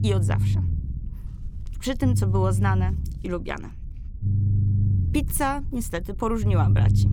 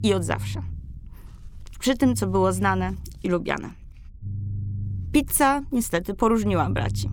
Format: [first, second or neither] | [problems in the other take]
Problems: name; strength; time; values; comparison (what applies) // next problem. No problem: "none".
second | low rumble; loud; throughout; 8 dB below the speech; faint in the second